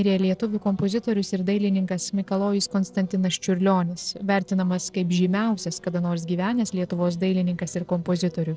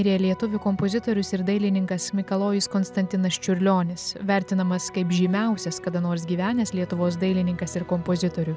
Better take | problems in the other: second | noise reduction (neural separator model SepFormer DNS4)

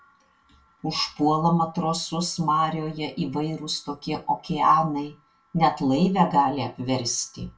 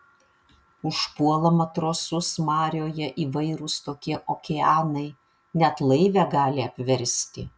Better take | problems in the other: second | room echo; dies away in 0.2 s

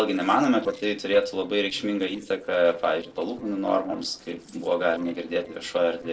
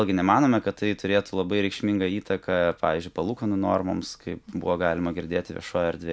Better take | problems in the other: second | noise reduction (neural separator model SepFormer DNS4)

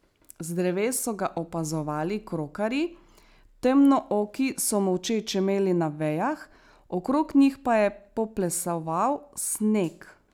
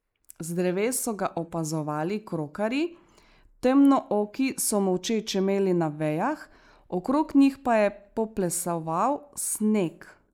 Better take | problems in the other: first | noise reduction (neural mask model Resemble Enhance denoiser)

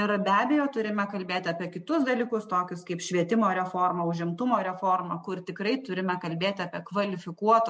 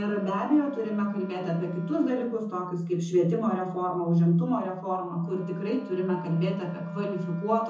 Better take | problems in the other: first | background sound (Wind instrument, woodwind instrument); 17 dB below the speech // room echo; dies away in 0.5 s

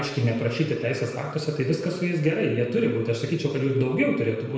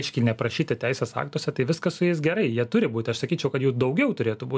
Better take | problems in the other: second | room echo; dies away in 1 s

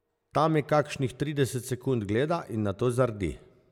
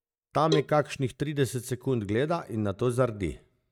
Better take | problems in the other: first | noise reduction (neural mask model DeepFilterNet 3)

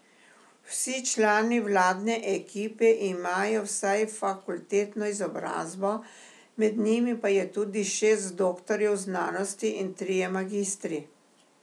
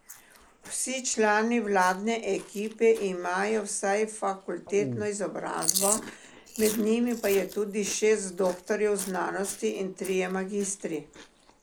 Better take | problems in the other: first | noise reduction (neural mask model Resemble Enhance denoiser)

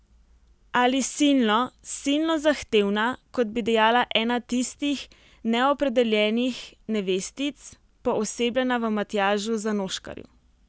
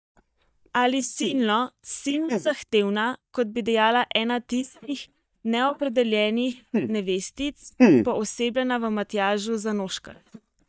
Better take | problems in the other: first | noise reduction (neural mask model DeepFilterNet 3)

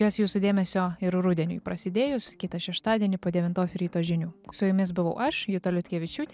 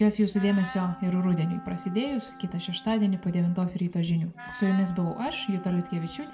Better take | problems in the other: first | background sound (Wind instrument, woodwind instrument); 17 dB below the speech // room echo; dies away in 0.5 s

